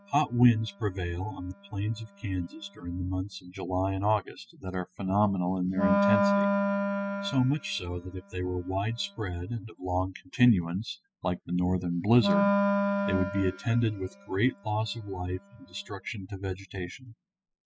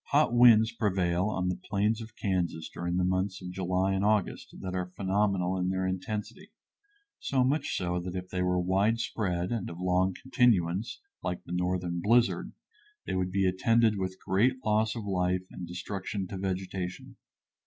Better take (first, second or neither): second